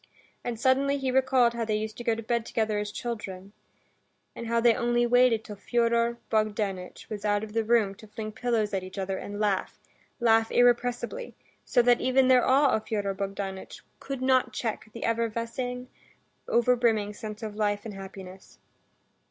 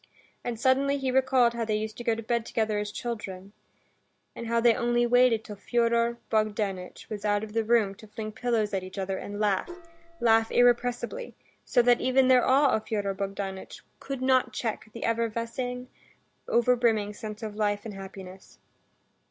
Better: first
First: none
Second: background sound (Gong); 17 dB below the speech

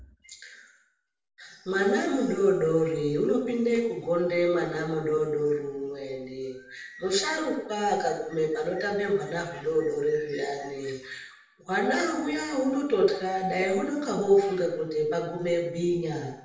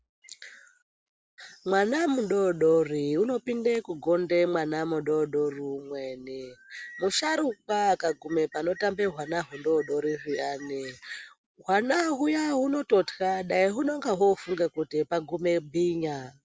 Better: second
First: room echo; dies away in 0.7 s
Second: none

